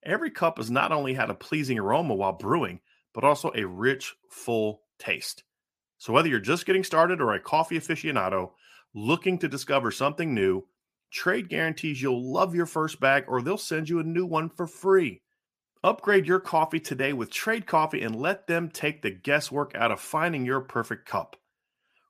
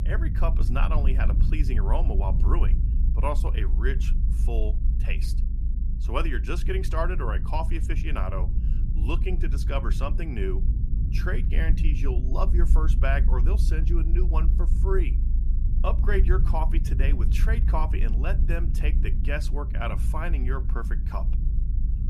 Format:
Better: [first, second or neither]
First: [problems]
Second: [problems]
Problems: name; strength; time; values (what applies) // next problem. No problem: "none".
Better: first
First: none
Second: low rumble; noticeable; throughout; 10 dB below the speech